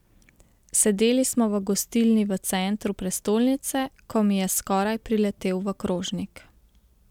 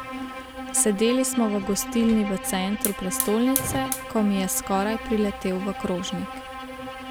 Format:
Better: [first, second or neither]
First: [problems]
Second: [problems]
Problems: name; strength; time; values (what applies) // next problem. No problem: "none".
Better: first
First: none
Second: background sound (Bowed string instrument + Hiss / Fire); 8 dB below the speech